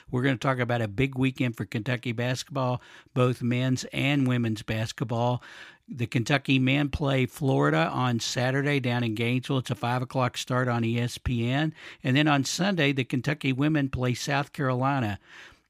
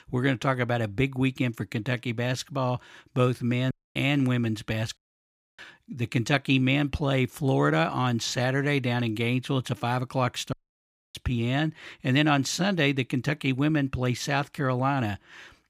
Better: first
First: none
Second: audio cutting out; at 3.5 s, at 5 s for 0.5 s and at 11 s for 0.5 s

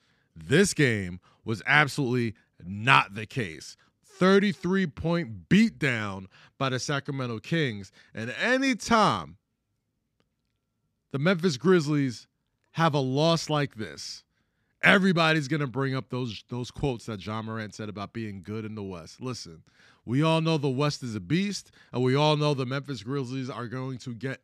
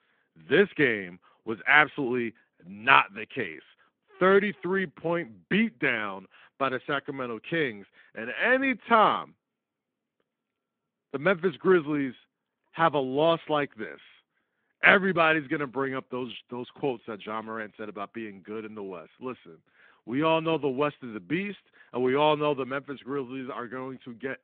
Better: first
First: none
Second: phone-call audio

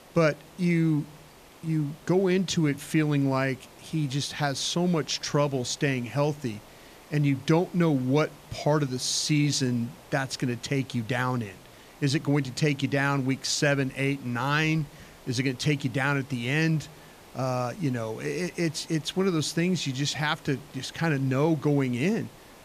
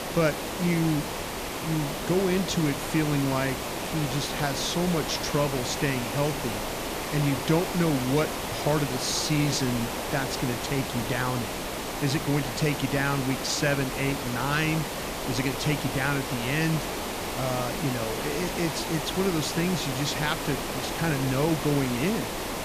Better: first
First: hiss; faint; throughout; 25 dB below the speech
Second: hiss; loud; throughout; 3 dB below the speech

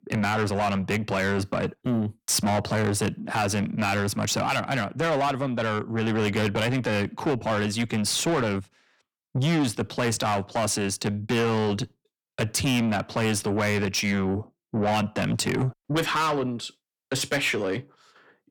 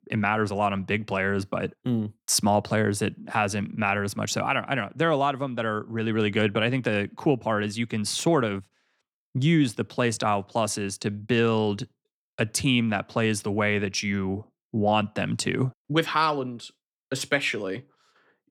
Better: second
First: distortion; heavy; 7 dB below the speech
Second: none

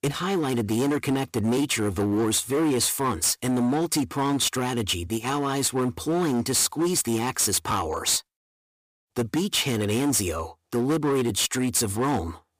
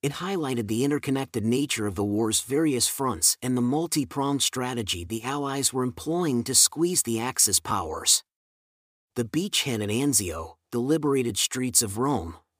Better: second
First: distortion; heavy; 16% of the sound clipped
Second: none

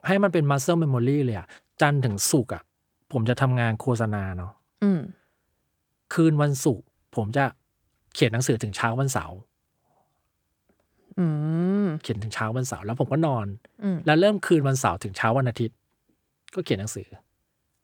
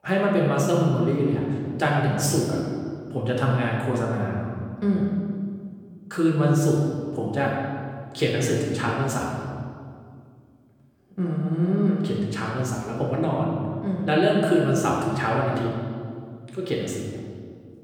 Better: first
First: none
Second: room echo; noticeable; dies away in 1.8 s // off-mic speech; far

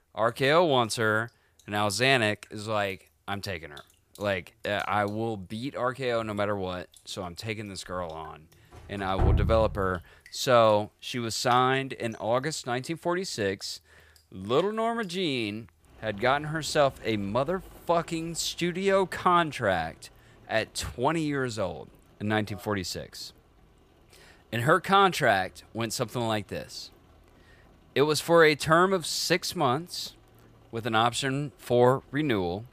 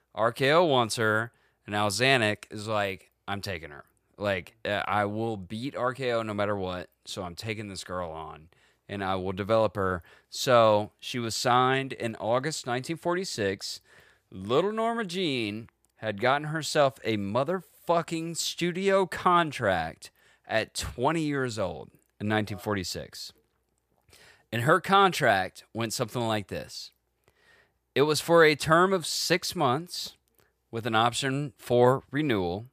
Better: second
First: rain or running water; noticeable; throughout; 10 dB below the speech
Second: none

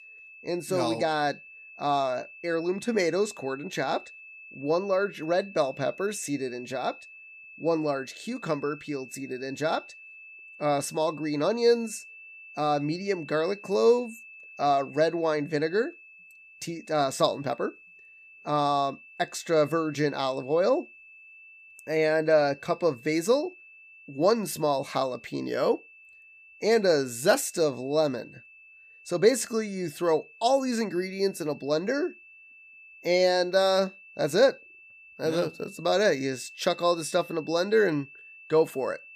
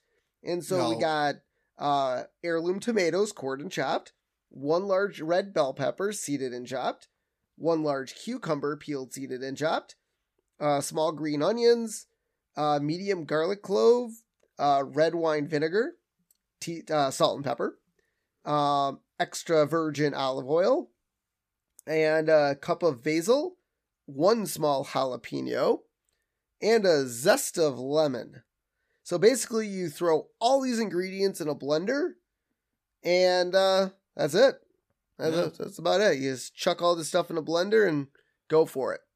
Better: second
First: high-pitched whine; noticeable; throughout; 2.5 kHz, 20 dB below the speech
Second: none

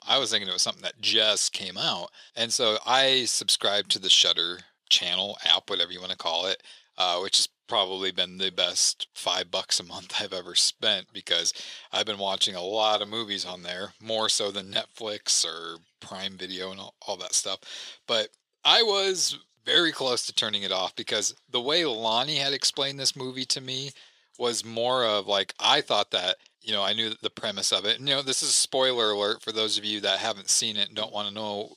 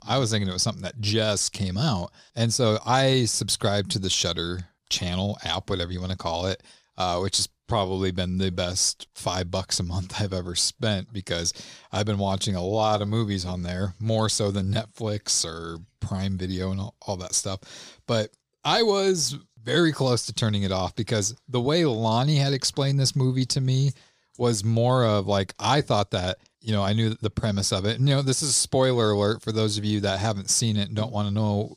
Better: second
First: thin; very; fading below 400 Hz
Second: none

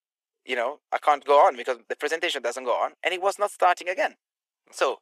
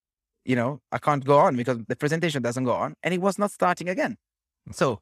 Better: second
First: thin; very; fading below 400 Hz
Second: none

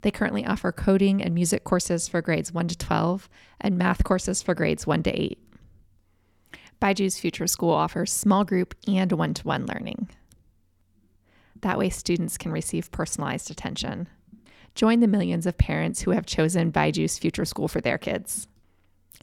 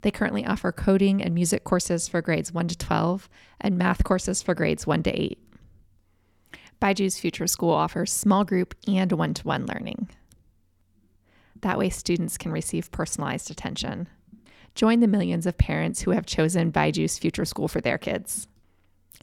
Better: neither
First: none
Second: none

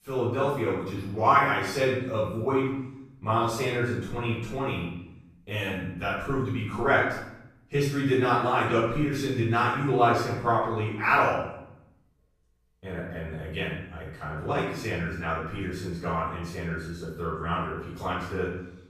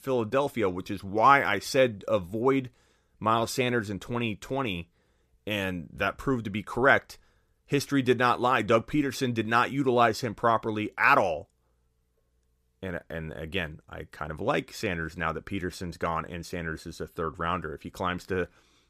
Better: second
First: room echo; strong; dies away in 0.7 s // off-mic speech; far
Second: none

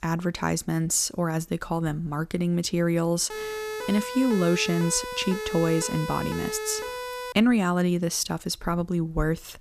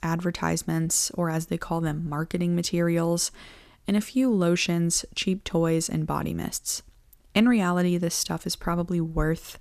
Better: second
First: siren; noticeable; from 3.5 to 7.5 s; peak 6 dB below the speech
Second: none

